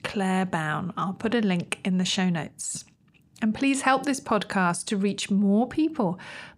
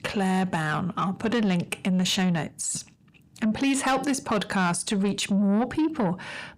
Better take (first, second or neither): first